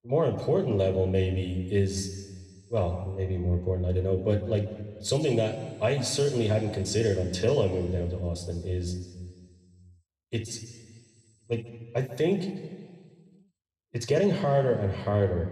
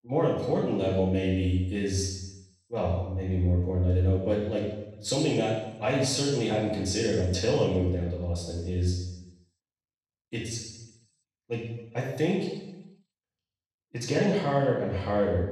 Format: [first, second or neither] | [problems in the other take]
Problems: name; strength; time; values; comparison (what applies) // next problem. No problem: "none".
first | room echo; strong; dies away in 0.9 s; slight in the first // off-mic speech; far